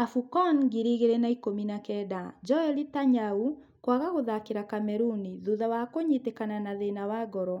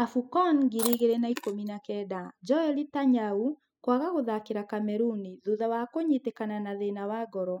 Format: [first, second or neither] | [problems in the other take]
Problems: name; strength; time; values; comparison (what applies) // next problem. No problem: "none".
first | noise reduction (classical method spectral subtraction)